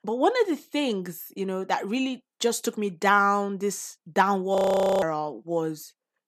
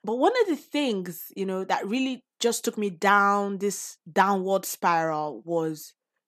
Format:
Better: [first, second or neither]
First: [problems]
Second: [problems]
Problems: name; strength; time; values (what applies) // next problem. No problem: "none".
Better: second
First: audio freezing; at 4.5 s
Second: none